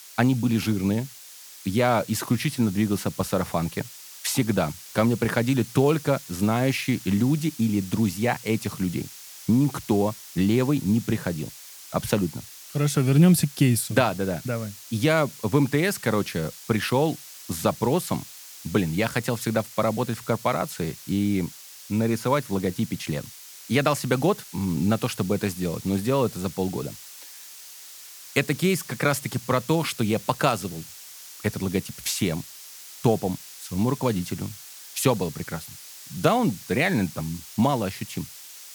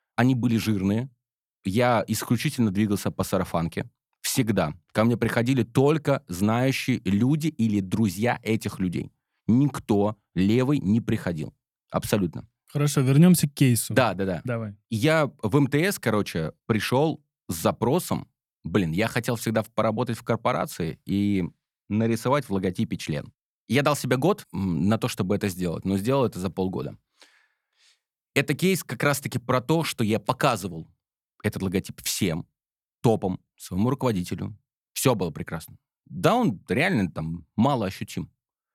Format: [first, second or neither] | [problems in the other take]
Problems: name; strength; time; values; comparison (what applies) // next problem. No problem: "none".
second | hiss; noticeable; throughout; 15 dB below the speech